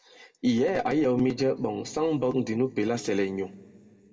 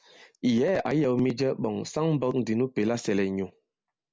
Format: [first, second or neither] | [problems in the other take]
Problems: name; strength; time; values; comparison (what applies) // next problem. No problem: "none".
second | room echo; dies away in 1.4 s